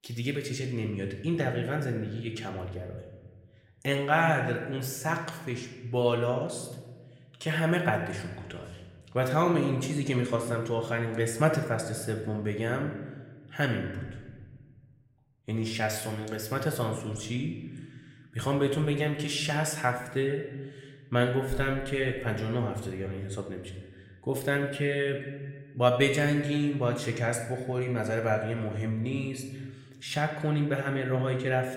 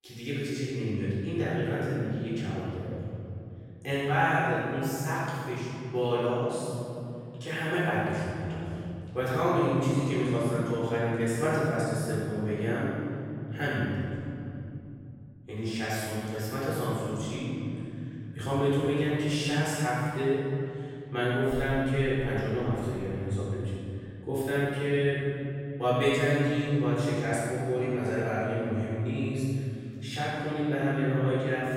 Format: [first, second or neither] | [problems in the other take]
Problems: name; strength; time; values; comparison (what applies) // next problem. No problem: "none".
first | room echo; strong; dies away in 3 s; slight in the first // off-mic speech; far; somewhat distant in the first